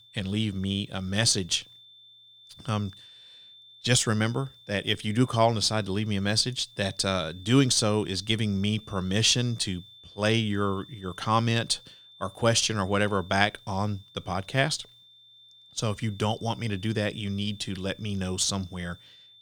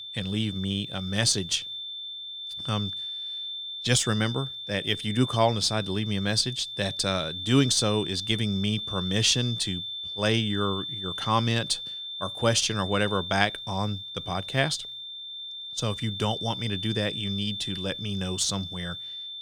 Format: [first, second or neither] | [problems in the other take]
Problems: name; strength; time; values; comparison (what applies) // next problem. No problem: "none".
first | high-pitched whine; loud; throughout; 3.5 kHz, 6 dB below the speech; faint in the first